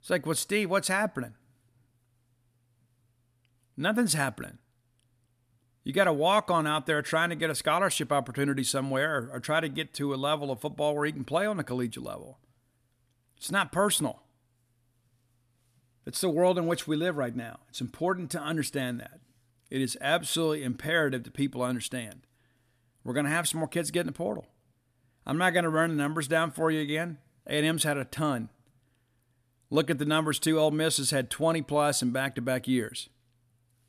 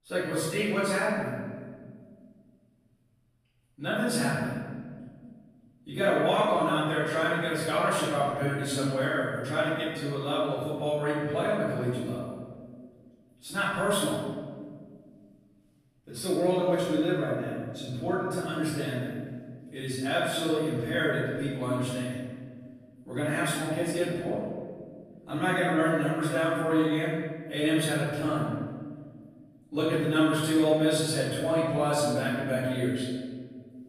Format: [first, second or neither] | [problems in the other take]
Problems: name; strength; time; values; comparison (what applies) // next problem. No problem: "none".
first | off-mic speech; far // room echo; strong; dies away in 1.7 s